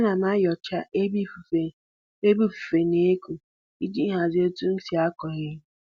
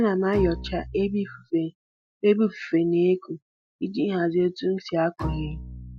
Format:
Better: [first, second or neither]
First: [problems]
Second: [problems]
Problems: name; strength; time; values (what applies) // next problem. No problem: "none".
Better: first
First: none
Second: noise reduction (classical method Wiener filter)